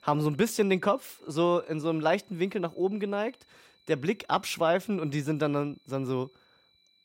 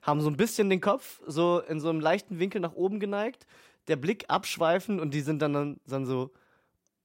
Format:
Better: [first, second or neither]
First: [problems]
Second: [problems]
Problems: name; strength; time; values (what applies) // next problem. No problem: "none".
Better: second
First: high-pitched whine; faint; throughout; 4 kHz, 35 dB below the speech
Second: none